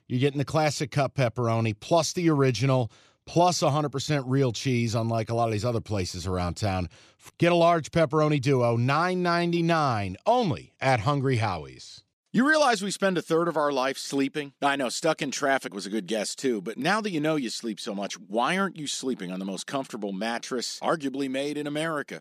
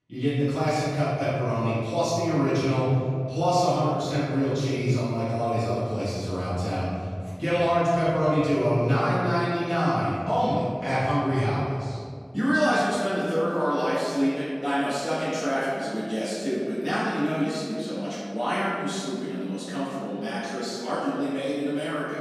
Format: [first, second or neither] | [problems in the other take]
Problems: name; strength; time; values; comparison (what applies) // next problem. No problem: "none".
first | room echo; strong; dies away in 2.1 s // off-mic speech; far